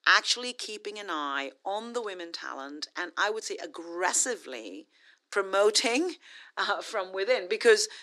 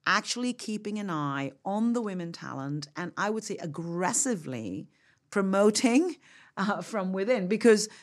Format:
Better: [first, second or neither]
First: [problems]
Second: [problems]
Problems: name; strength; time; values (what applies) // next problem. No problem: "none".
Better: second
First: thin; very; fading below 300 Hz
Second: none